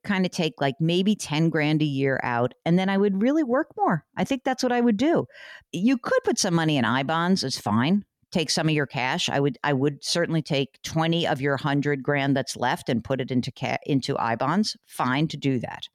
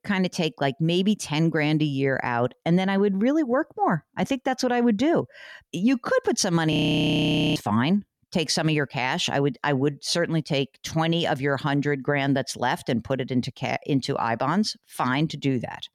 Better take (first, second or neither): first